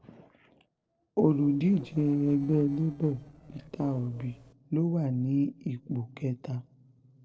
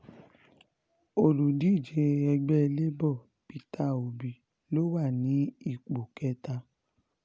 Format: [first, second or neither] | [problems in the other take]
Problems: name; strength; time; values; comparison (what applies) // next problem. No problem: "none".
second | noise reduction (neural separator model SepFormer DNS4)